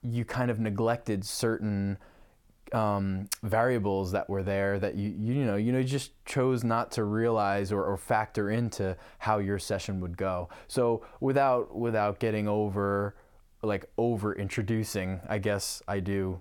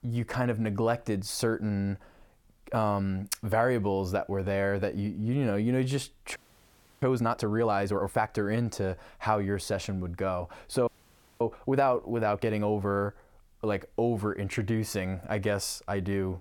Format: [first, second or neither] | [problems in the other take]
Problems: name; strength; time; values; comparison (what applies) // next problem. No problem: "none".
first | audio freezing; at 6.5 s for 0.5 s and at 11 s for 0.5 s